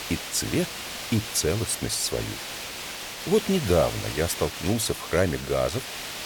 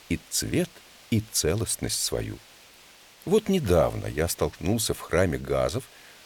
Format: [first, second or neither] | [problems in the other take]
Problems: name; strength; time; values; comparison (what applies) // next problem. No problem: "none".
second | hiss; loud; throughout; 7 dB below the speech; faint in the second